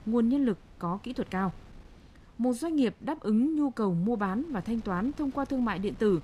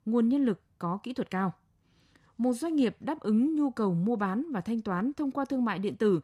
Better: second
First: wind noise on the microphone; occasional gusts; 25 dB below the speech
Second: none

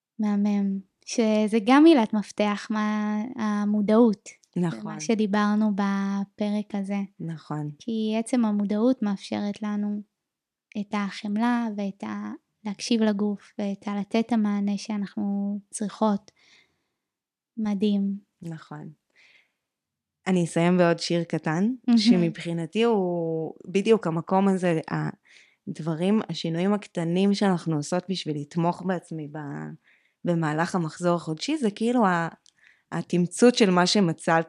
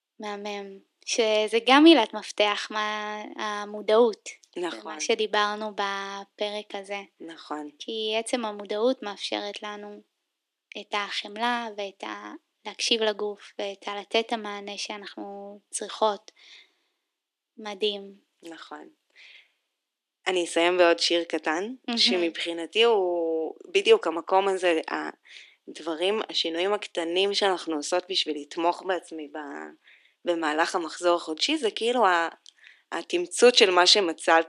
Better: first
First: none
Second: thin; very; fading below 300 Hz

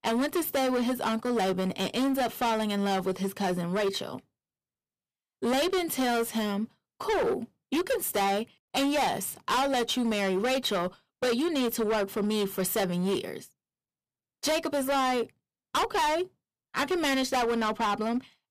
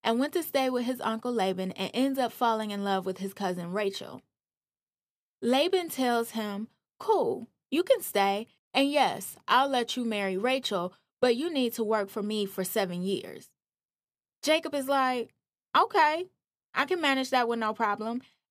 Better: second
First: distortion; heavy; 19% of the sound clipped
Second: none

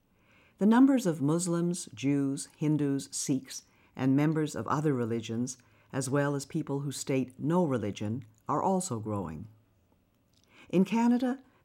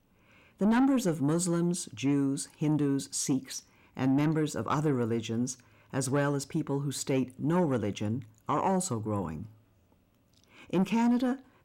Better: first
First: none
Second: distortion; slight; 10 dB below the speech

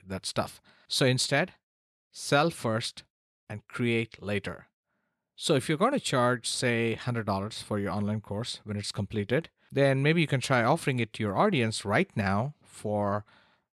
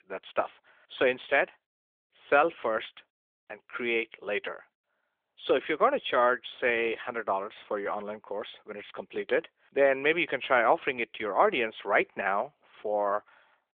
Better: first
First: none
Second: phone-call audio; nothing above 3.5 kHz

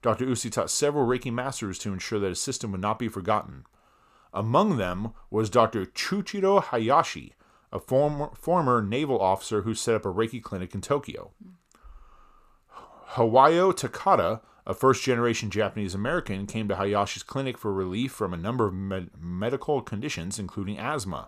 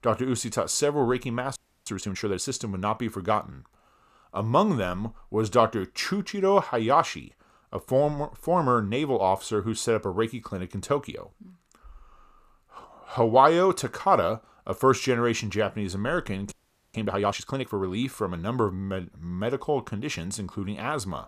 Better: first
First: none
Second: audio freezing; at 1.5 s and at 17 s

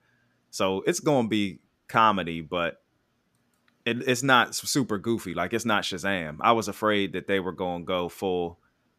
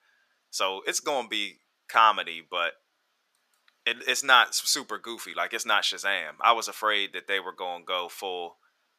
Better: first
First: none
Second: thin; very; fading below 800 Hz

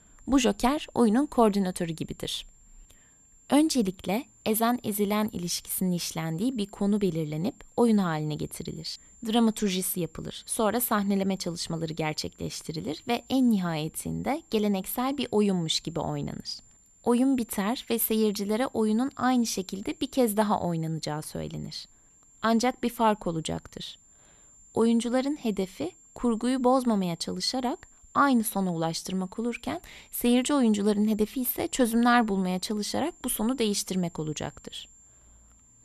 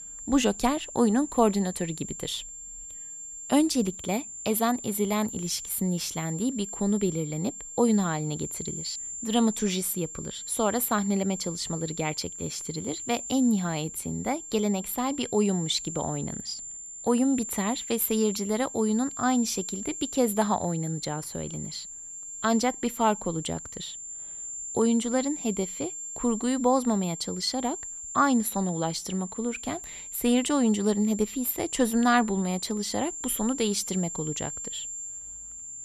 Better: first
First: high-pitched whine; faint; throughout; 7.5 kHz, 30 dB below the speech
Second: high-pitched whine; loud; throughout; 7.5 kHz, 8 dB below the speech

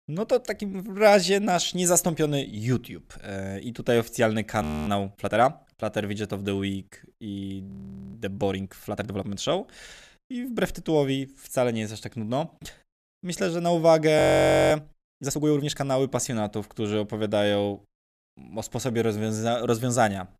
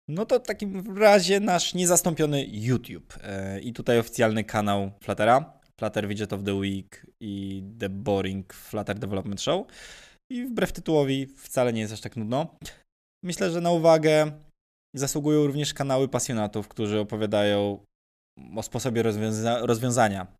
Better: second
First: audio freezing; at 4.5 s, at 7.5 s and at 14 s for 0.5 s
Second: none

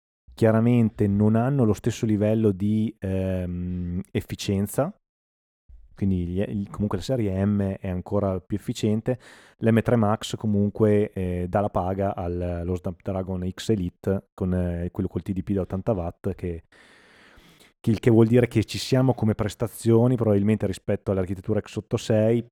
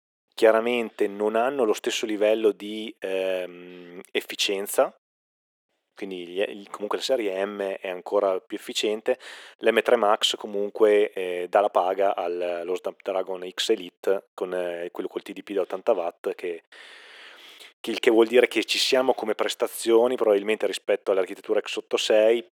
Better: first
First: none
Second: thin; very; fading below 400 Hz

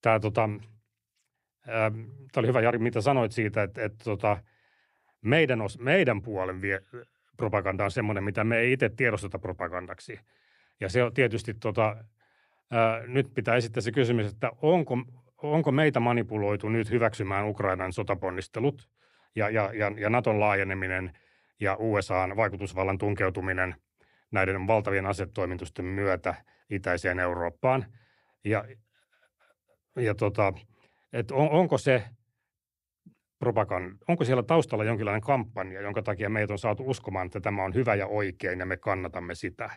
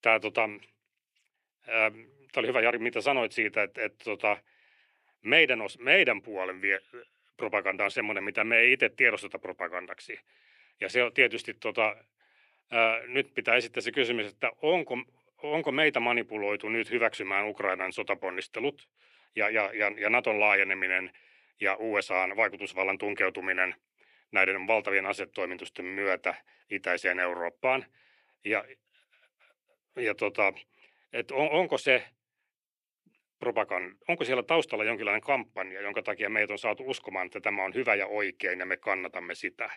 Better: first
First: none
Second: thin; somewhat; fading below 350 Hz

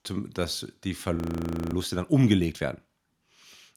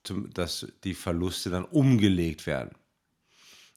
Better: second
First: audio freezing; at 1 s for 0.5 s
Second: none

